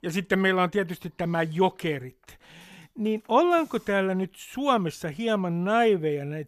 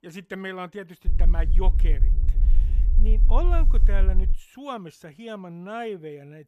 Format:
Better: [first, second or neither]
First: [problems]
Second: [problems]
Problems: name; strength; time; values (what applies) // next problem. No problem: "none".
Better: first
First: none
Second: low rumble; noticeable; from 1 to 4.5 s; 10 dB below the speech